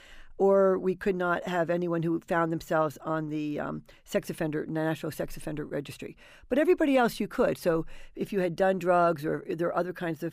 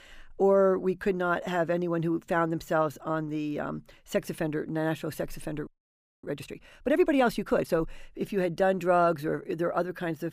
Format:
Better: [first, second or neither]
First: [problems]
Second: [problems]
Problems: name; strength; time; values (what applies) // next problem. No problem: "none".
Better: first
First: none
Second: audio freezing; at 5.5 s for 0.5 s